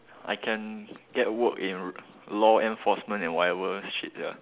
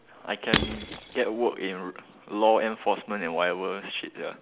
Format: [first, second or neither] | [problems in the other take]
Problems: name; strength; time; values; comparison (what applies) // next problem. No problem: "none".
first | background sound (Shatter / Crushing); 4 dB below the speech